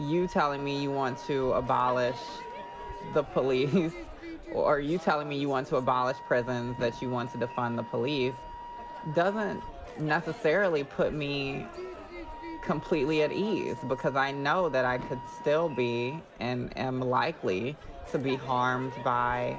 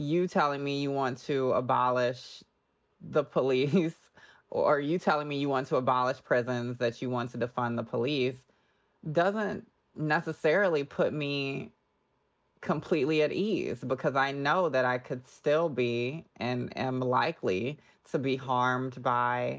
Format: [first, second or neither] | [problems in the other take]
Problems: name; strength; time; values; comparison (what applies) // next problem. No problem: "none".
second | background sound (Crowd / Fireworks + Wind instrument, woodwind instrument); 12 dB below the speech